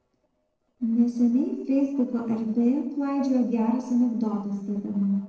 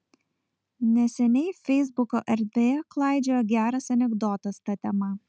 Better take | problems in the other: second | noise reduction (neural separator model SepFormer DNS4)

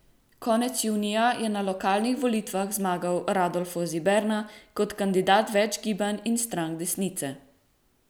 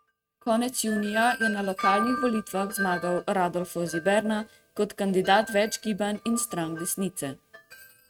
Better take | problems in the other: first | noise reduction (neural mask model RNNoise)

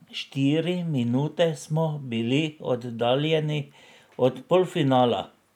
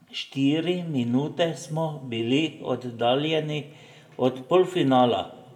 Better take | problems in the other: first | room echo; dies away in 1 s

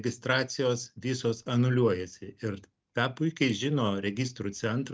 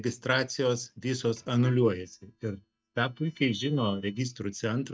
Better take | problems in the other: first | noise reduction (neural mask model DeepFilterNet 3)

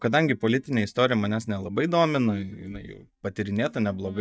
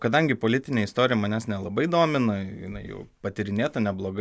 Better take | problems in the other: second | noise reduction (neural mask model DeepFilterNet 3)

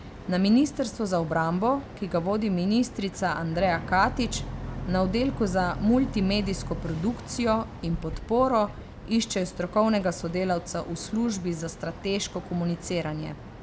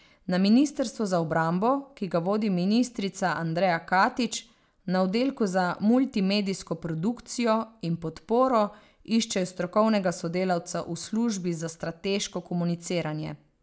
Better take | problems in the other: second | background sound (Boat, Water vehicle); 11 dB below the speech

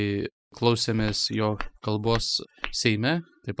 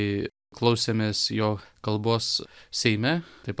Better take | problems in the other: second | noise reduction (classical method spectral subtraction)

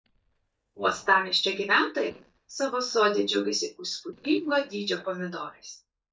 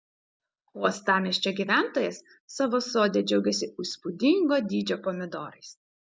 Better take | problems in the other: second | noise reduction (neural mask model DeepFilterNet 3)

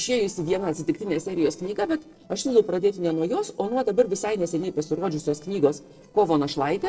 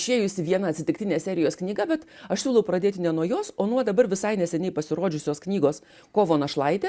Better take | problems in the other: second | noise reduction (neural separator model SepFormer DNS4)

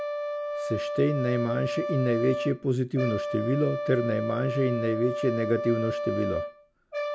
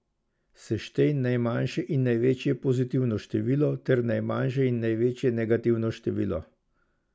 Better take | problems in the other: second | background sound (Brass instrument); 4 dB below the speech

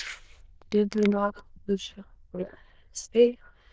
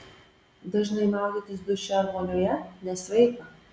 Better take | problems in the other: second | noise reduction (neural diffusion model UNIVERSE++)

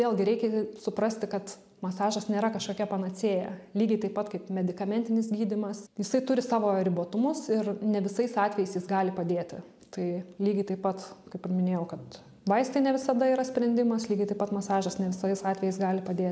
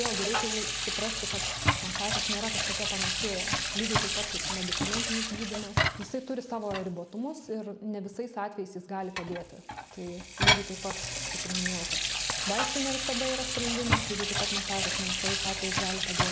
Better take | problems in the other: first | background sound (Sink (filling or washing) / Water tap, faucet); 5 dB above the speech

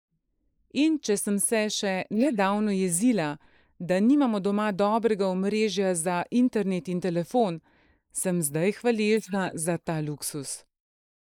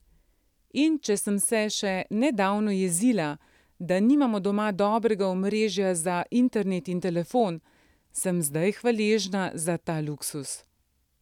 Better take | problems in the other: second | noise reduction (neural mask model Resemble Enhance denoiser)

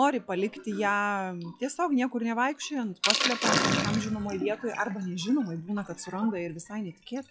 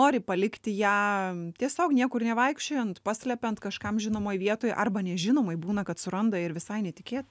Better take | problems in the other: second | noise reduction (classical method log-MMSE)

